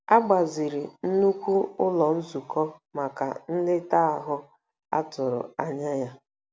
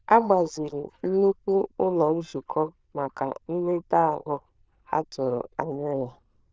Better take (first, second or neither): first